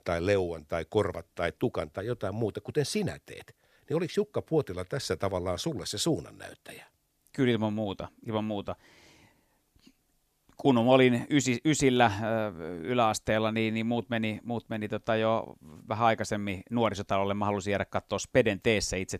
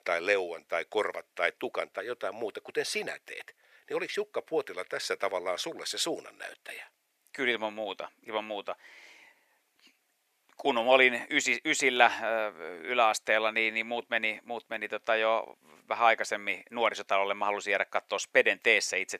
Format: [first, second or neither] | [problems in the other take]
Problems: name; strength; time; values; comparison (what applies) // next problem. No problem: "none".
first | thin; very; fading below 550 Hz